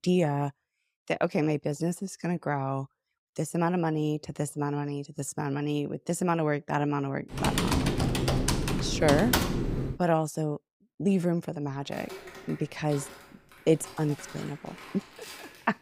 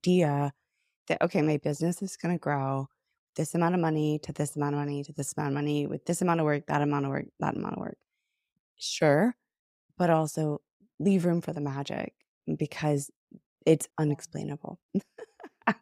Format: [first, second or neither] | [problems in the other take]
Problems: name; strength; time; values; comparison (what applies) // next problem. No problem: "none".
second | keyboard typing; loud; from 7.5 to 10 s; peak 4 dB above the speech // footsteps; faint; from 12 s on; peak 15 dB below the speech